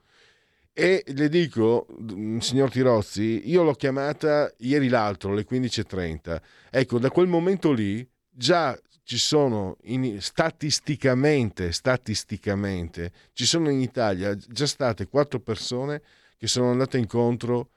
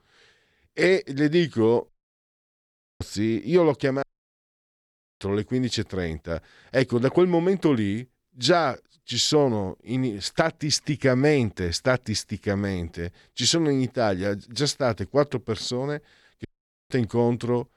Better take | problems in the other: first | audio cutting out; at 2 s for 1 s, at 4 s for 1 s and at 16 s

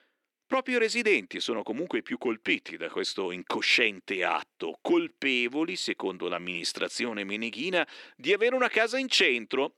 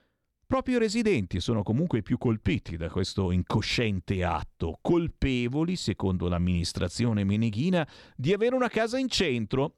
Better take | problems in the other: second | thin; somewhat; fading below 300 Hz

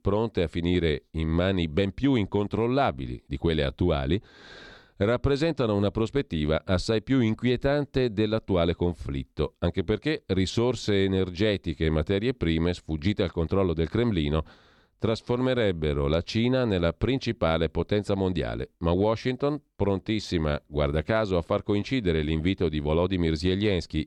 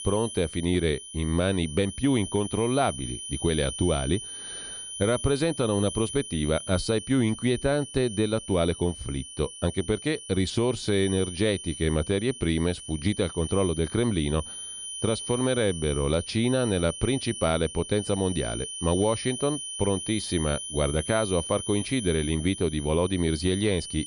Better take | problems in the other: first | high-pitched whine; loud; throughout; 9.5 kHz, 9 dB below the speech

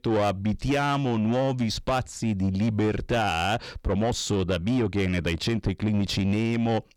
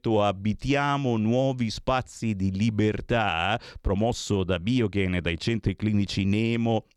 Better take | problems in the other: second | distortion; slight; 10 dB below the speech

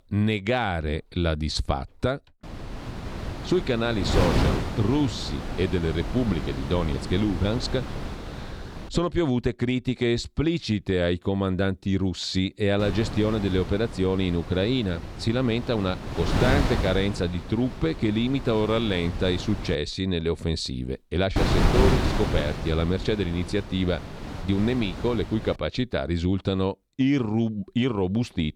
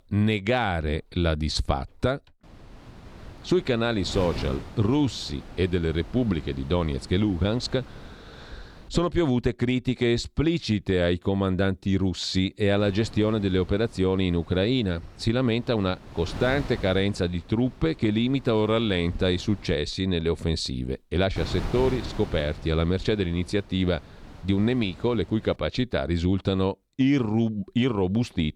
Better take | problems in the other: second | wind noise on the microphone; heavy; from 2.5 to 9 s, from 13 to 20 s and from 21 to 26 s; 6 dB below the speech; occasional gusts in the second

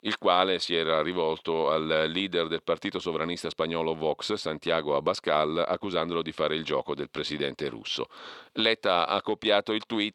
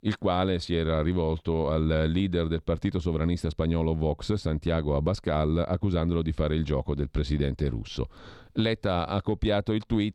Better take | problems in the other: second | thin; somewhat; fading below 400 Hz

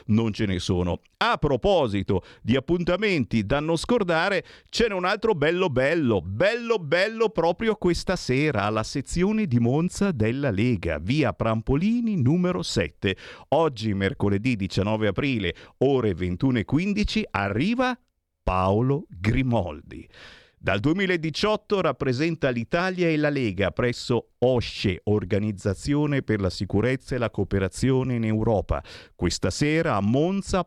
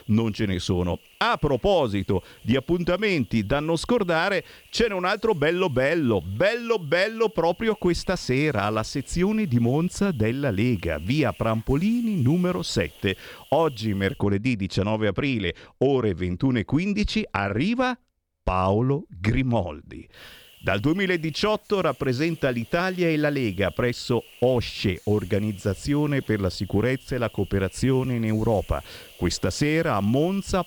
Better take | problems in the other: first | hiss; faint; until 14 s and from 20 s on; 25 dB below the speech

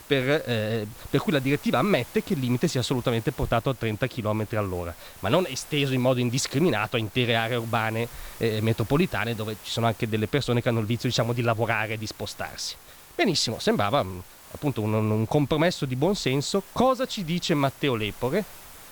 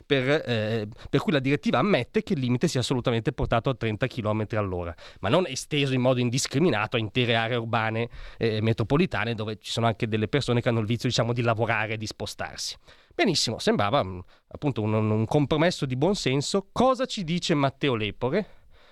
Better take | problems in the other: second | hiss; noticeable; throughout; 20 dB below the speech

